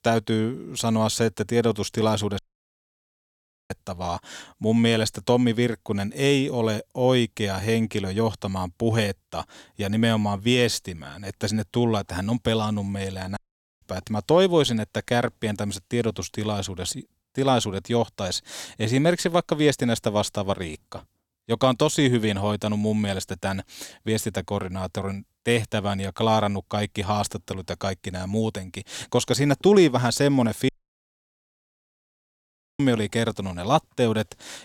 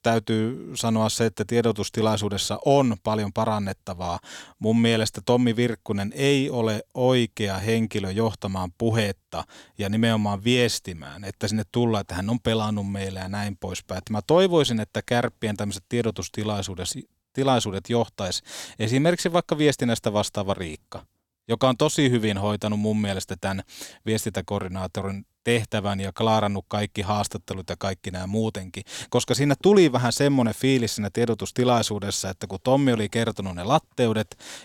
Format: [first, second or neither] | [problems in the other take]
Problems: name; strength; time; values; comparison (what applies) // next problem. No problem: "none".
second | audio cutting out; at 2.5 s for 1.5 s, at 13 s and at 31 s for 2 s